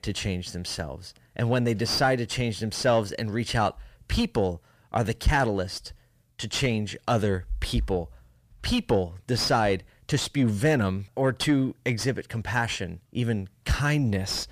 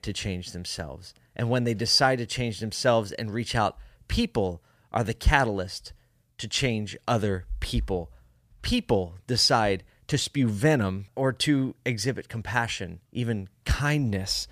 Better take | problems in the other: second | distortion; slight; 10 dB below the speech

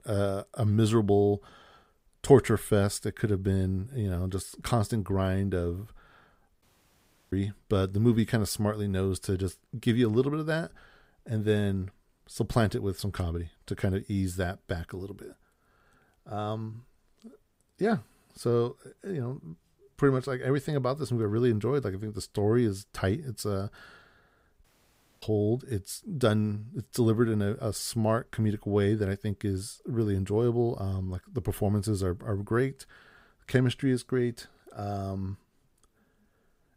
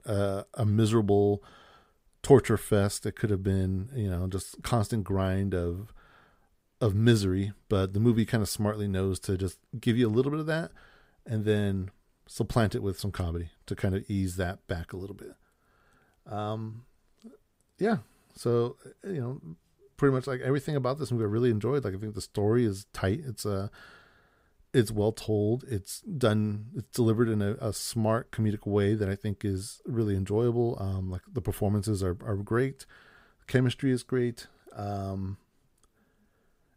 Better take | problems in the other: second | audio cutting out; at 6.5 s for 0.5 s and at 25 s for 0.5 s

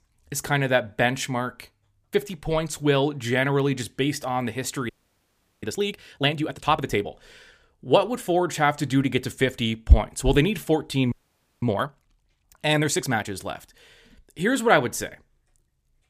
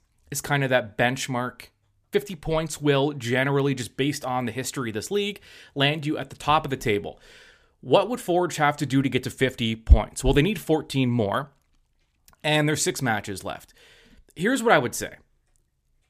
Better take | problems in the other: second | audio freezing; at 5 s for 0.5 s and at 11 s for 0.5 s

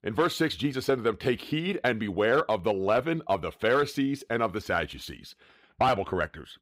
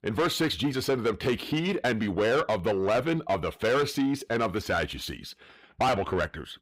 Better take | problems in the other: first | distortion; slight; 10 dB below the speech

